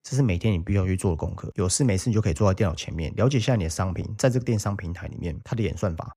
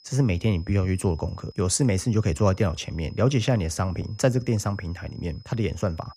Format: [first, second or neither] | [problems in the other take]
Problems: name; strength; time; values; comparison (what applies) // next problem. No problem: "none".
first | high-pitched whine; faint; throughout; 5 kHz, 25 dB below the speech